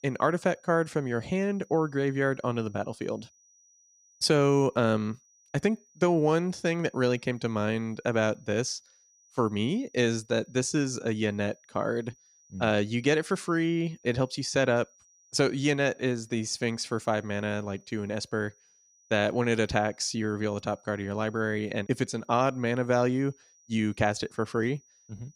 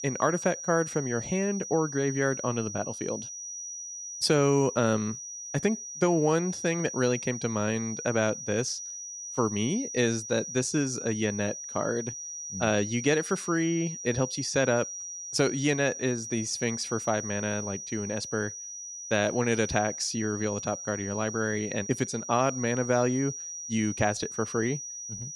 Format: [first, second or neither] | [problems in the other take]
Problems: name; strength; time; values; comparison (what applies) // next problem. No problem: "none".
first | high-pitched whine; loud; throughout; 6 kHz, 7 dB below the speech; faint in the first